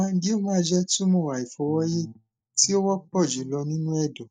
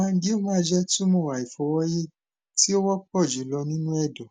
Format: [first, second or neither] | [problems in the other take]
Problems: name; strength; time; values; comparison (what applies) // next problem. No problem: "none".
second | noise reduction (neural mask model DeepFilterNet 3)